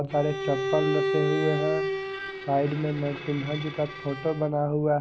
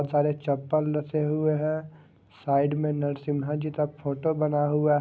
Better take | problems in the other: second | background sound (Bowed string instrument); 4 dB below the speech

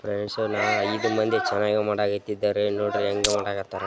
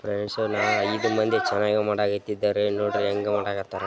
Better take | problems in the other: second | background sound (Glass); 5 dB below the speech

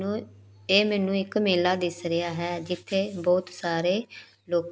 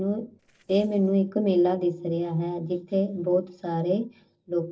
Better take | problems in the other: first | noise reduction (neural separator model SepFormer DNS4)

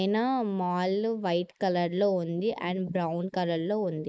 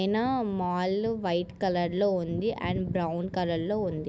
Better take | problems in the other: second | noise reduction (neural mask model Resemble Enhance denoiser)

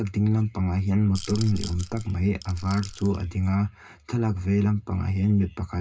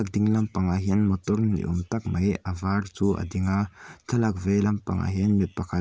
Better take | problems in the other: second | background sound (Rattle / Rattle (instrument)); 14 dB below the speech // room echo; dies away in 0.2 s

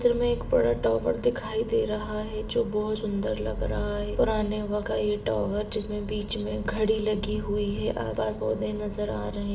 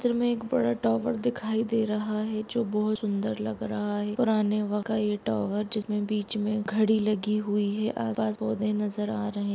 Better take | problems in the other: second | background sound (Engine); 9 dB below the speech // room echo; dies away in 1.4 s

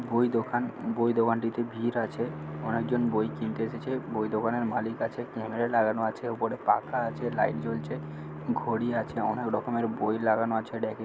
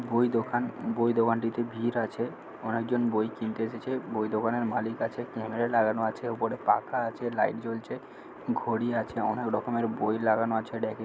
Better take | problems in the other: second | background sound (Bowed string instrument); 14 dB below the speech

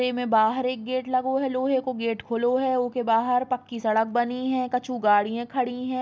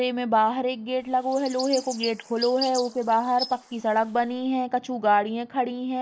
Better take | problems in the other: first | noise reduction (neural mask model Resemble Enhance denoiser)

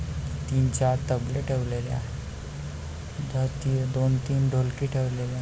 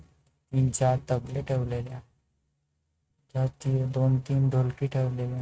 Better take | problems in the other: first | noise reduction (neural mask model RNNoise)

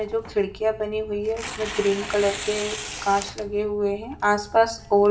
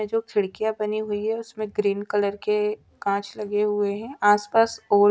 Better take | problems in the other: second | background sound (Tearing); 12 dB below the speech // room echo; dies away in 0.5 s

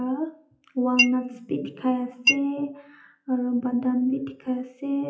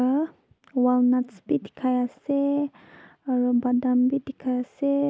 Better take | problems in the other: second | noise reduction (classical method WPE with log-MMSE)

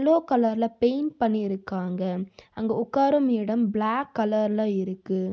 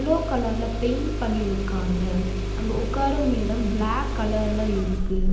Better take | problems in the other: first | background sound (Engine starting); as loud as the speech // room echo; dies away in 0.8 s

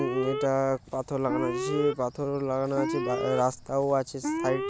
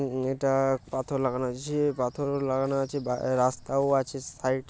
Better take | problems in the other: second | background sound (Alarm); 5 dB below the speech

